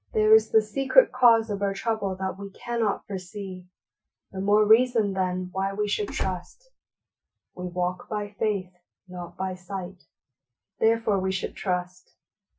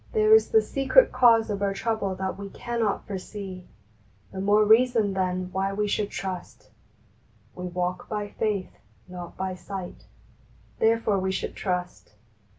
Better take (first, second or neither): second